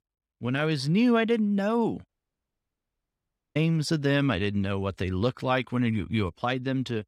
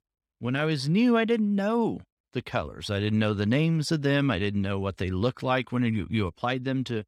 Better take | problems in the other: second | audio cutting out; at 2 s for 1.5 s

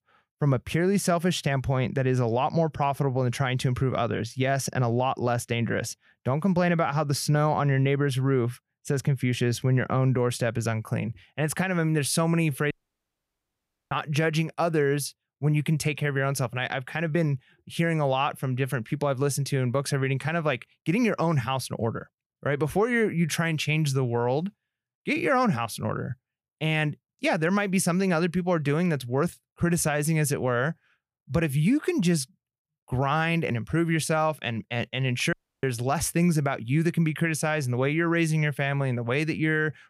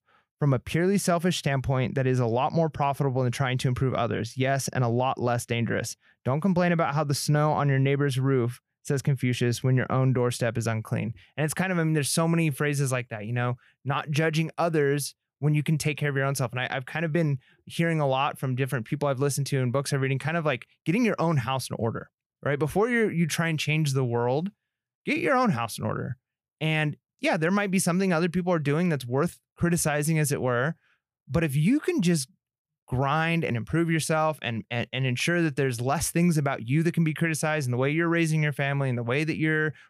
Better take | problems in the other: second | audio cutting out; at 13 s for 1 s and at 35 s

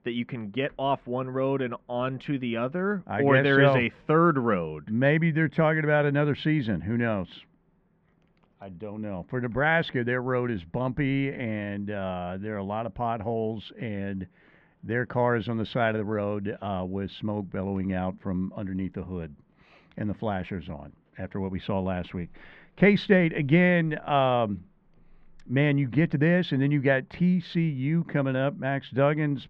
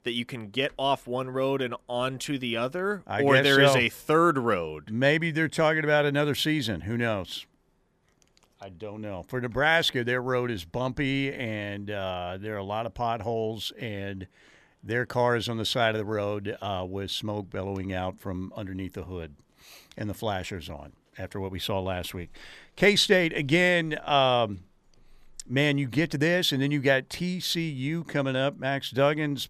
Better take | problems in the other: second | muffled; very; fading above 2.5 kHz

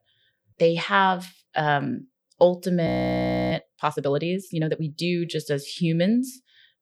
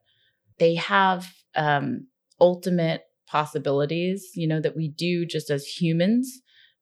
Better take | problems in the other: second | audio freezing; at 3 s for 0.5 s

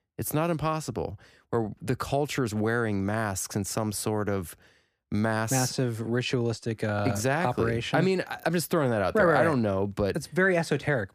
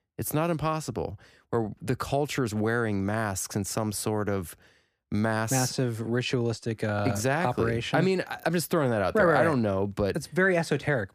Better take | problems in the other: neither | none

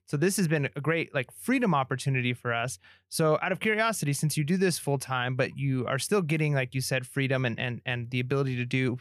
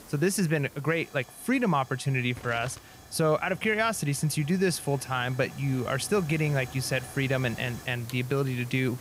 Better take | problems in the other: first | hiss; noticeable; throughout; 20 dB below the speech

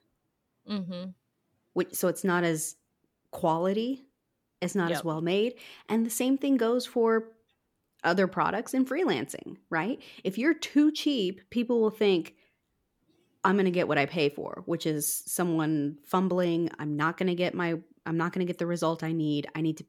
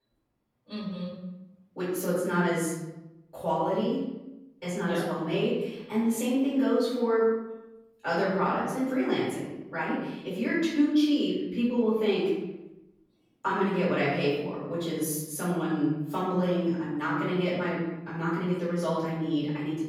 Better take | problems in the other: first | room echo; noticeable; dies away in 1 s // off-mic speech; far

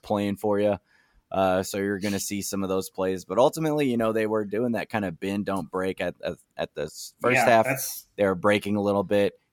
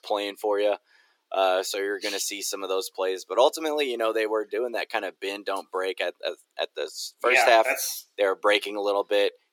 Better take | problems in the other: first | thin; very; fading below 350 Hz

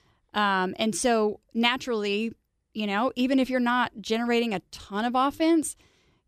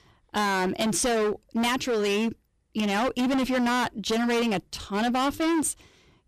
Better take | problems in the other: first | distortion; heavy; 27% of the sound clipped

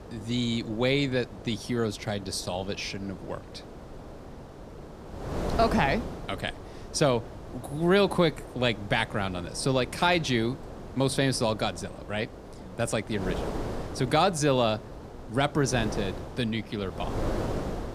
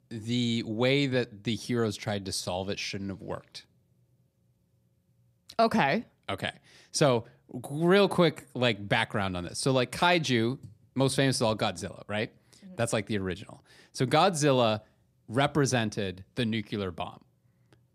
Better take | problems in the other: second | wind noise on the microphone; occasional gusts; 15 dB below the speech

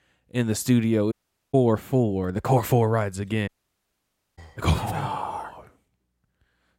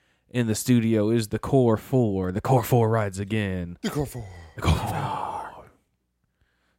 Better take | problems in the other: second | audio cutting out; at 1 s and at 3.5 s for 1 s

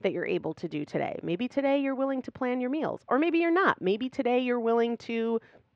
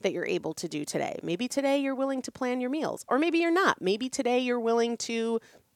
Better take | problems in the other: second | muffled; very; fading above 3 kHz

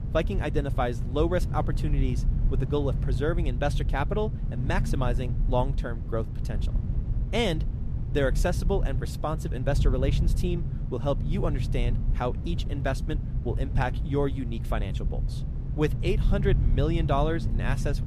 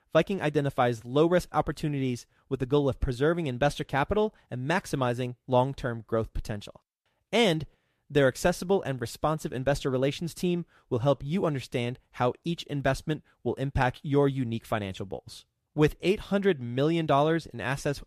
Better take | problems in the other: second | low rumble; noticeable; throughout; 10 dB below the speech

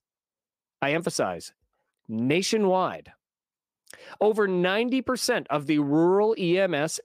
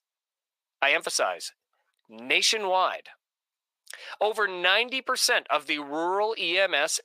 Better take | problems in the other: first | thin; very; fading below 800 Hz

